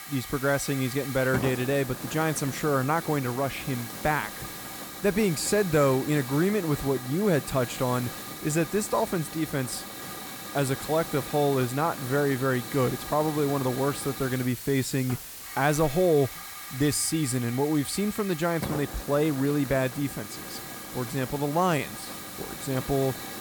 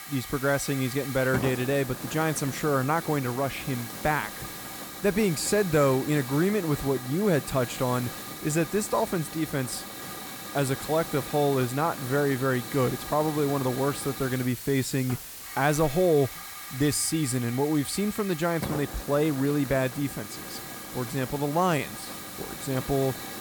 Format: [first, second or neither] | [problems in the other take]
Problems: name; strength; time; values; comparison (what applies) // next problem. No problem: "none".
neither | hiss; loud; throughout; 10 dB below the speech; the same in both